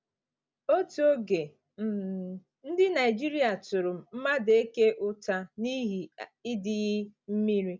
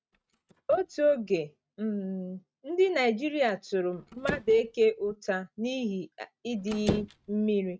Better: first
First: none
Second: noise reduction (neural mask model RNNoise)

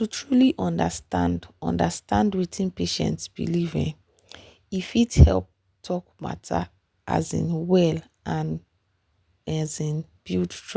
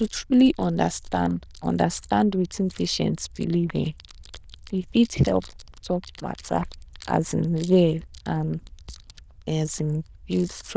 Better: first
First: none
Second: noise reduction (neural diffusion model UNIVERSE++)

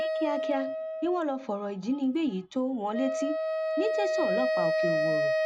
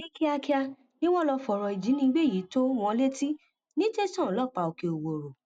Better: second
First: background sound (Wind instrument, woodwind instrument); 1 dB above the speech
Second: none

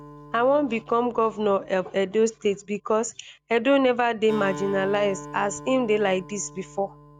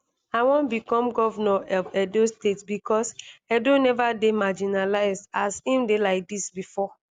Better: second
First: background sound (Acoustic guitar); 17 dB below the speech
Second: none

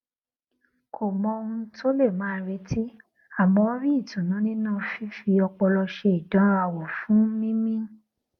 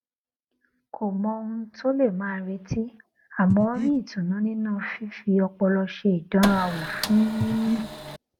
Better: first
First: none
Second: background sound (Breathing + Printer); 5 dB below the speech

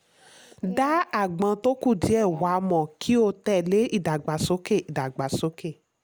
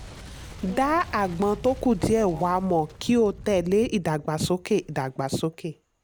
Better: first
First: none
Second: background sound (Boom); 18 dB below the speech

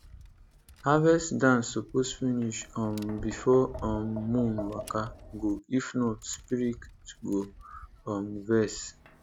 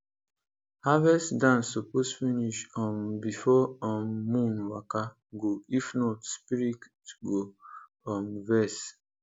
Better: second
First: background sound (Tap); 16 dB below the speech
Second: none

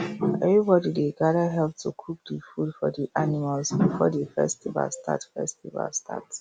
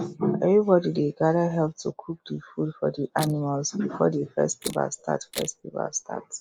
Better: first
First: none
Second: noise reduction (neural mask model Resemble Enhance denoiser)

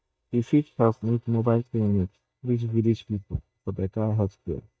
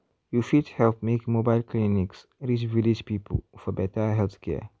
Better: second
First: noise reduction (neural mask model DeepFilterNet 3)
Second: none

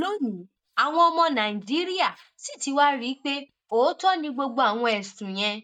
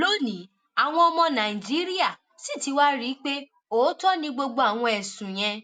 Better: second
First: noise reduction (neural mask model DeepFilterNet 3)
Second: none

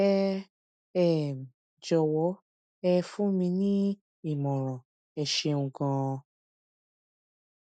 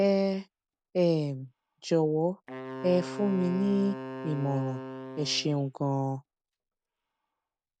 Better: first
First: none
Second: background sound (Wind instrument, woodwind instrument); 13 dB below the speech

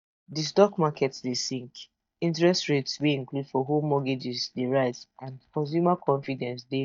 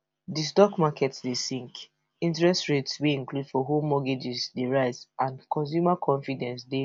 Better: second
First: noise reduction (neural mask model DeepFilterNet 3)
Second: none

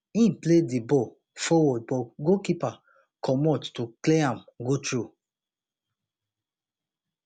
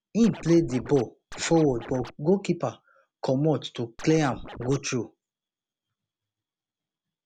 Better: first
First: none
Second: background sound (Scratching (performance technique)); 13 dB below the speech

